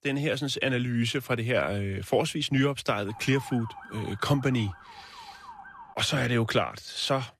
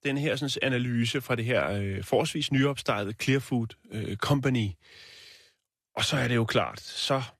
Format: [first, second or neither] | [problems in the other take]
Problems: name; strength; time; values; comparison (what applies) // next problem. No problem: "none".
second | siren; faint; from 3 to 6 s; peak 15 dB below the speech